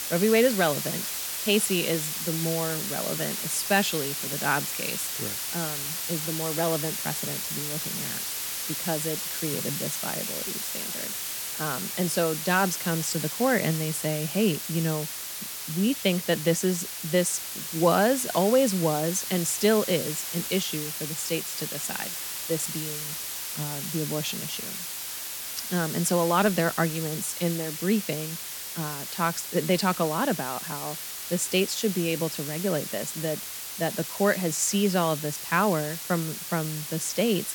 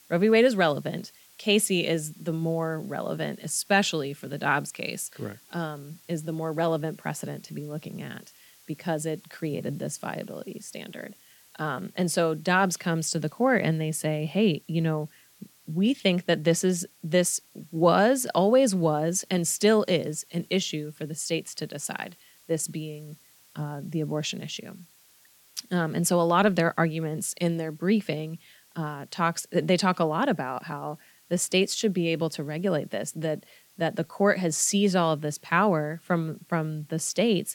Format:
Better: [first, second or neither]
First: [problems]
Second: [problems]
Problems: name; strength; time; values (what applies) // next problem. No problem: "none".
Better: second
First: hiss; loud; throughout; 3 dB below the speech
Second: hiss; faint; throughout; 30 dB below the speech